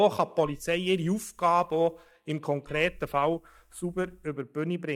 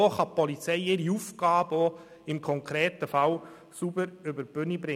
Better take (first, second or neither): second